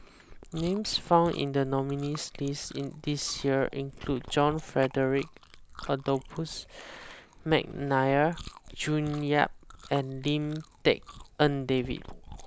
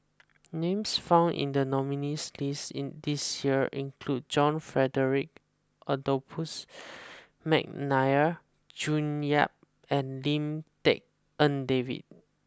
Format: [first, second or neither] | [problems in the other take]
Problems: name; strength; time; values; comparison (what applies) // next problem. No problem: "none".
second | background sound (Chewing, mastication); 17 dB below the speech